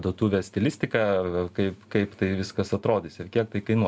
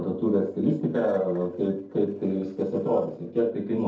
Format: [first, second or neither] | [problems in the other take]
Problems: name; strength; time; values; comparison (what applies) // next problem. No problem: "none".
first | noise reduction (neural separator model SepFormer DNS4)